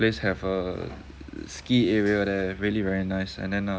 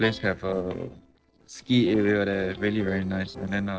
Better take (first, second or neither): first